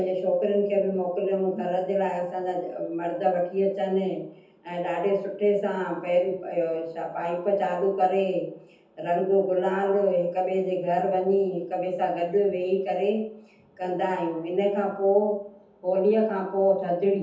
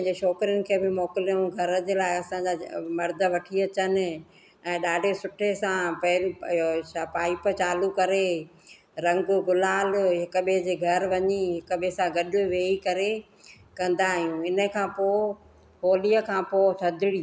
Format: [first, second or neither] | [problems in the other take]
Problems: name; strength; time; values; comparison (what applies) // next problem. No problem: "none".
second | room echo; dies away in 0.6 s